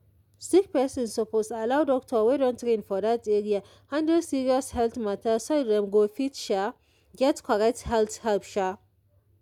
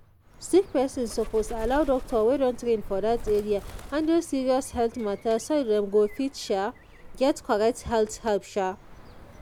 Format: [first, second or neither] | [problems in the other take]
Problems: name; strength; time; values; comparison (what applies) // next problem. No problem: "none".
first | background sound (Bird); 15 dB below the speech